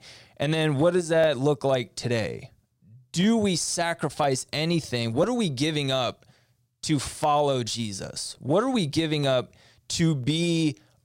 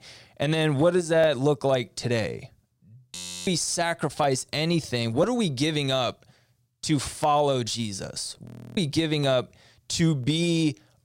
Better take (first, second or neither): first